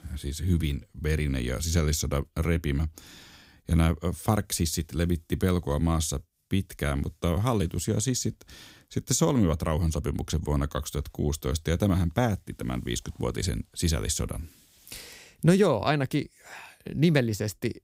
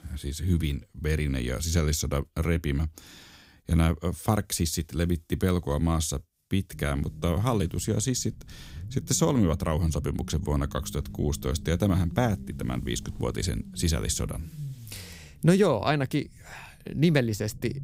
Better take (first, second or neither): first